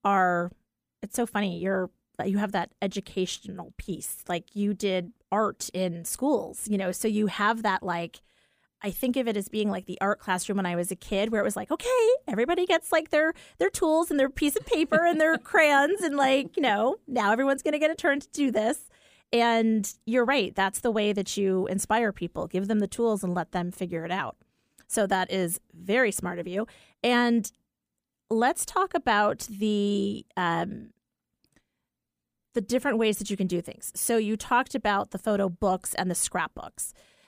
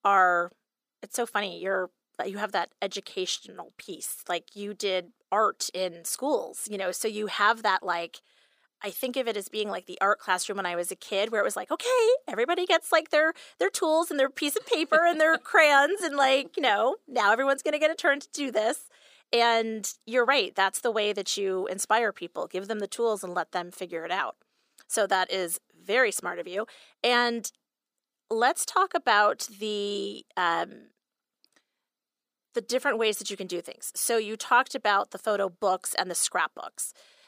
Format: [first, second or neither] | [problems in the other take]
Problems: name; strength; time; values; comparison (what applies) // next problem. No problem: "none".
first | thin; somewhat; fading below 450 Hz